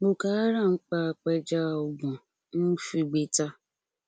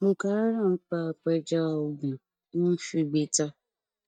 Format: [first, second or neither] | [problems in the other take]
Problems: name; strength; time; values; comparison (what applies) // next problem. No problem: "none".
first | noise reduction (neural mask model DeepFilterNet 3)